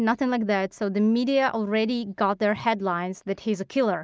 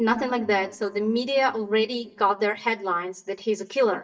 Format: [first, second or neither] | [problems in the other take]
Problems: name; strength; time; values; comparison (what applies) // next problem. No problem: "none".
first | noise reduction (neural mask model DeepFilterNet 3)